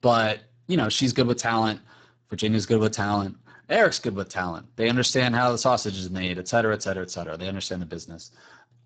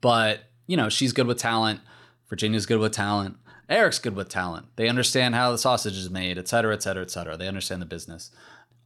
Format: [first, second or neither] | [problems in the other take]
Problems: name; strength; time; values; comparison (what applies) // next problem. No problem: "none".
second | garbled, watery; badly; nothing above 7.5 kHz